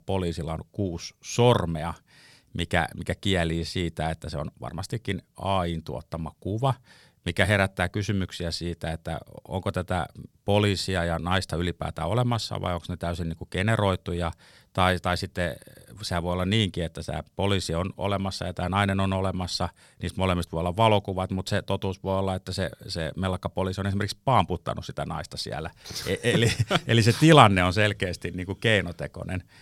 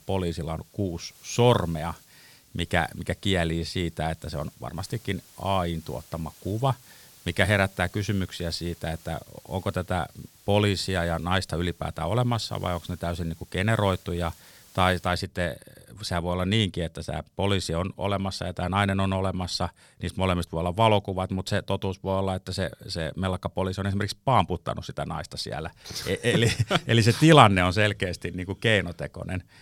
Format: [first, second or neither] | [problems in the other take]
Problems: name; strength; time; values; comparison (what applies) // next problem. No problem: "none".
first | hiss; faint; until 15 s; 25 dB below the speech